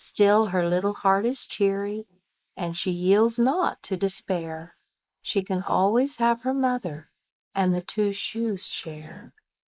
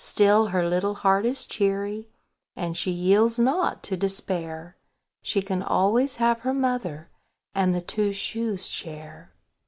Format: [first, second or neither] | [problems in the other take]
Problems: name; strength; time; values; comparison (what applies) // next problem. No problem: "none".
second | noise reduction (neural mask model Resemble Enhance denoiser)